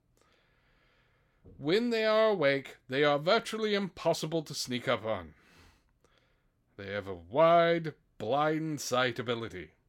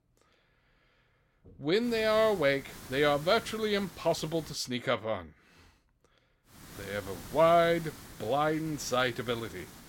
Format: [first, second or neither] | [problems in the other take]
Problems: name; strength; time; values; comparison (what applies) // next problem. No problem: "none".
first | hiss; noticeable; from 2 to 4.5 s and from 6.5 s on; 20 dB below the speech